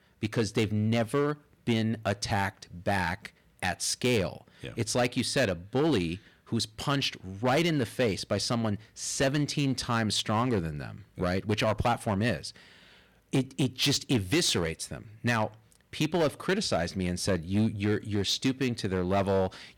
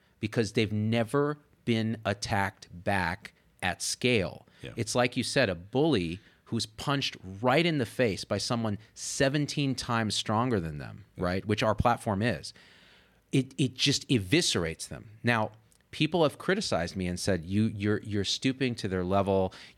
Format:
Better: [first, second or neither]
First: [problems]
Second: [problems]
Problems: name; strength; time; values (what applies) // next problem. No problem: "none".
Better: second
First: distortion; slight; 6% of the sound clipped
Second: none